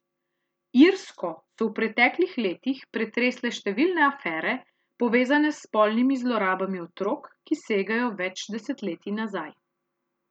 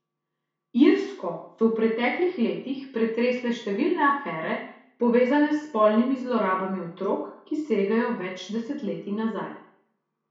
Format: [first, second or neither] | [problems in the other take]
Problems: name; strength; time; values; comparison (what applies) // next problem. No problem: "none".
first | room echo; dies away in 0.6 s